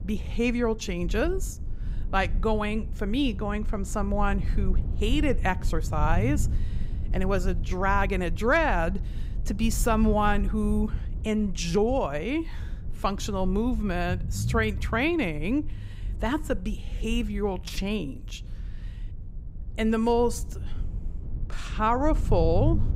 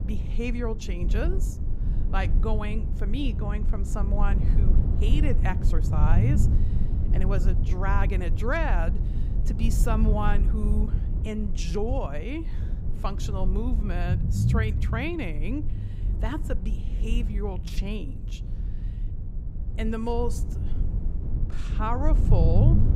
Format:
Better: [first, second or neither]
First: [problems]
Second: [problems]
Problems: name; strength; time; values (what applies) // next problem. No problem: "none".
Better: first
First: low rumble; faint; throughout; 20 dB below the speech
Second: low rumble; loud; throughout; 8 dB below the speech